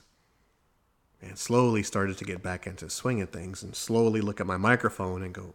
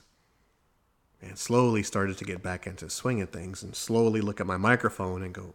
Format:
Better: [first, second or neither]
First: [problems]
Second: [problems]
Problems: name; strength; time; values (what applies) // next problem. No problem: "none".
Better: neither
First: none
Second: none